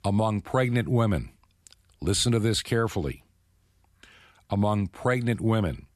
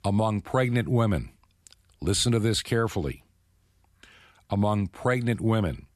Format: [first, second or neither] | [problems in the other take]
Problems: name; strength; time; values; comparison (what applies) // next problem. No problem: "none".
neither | none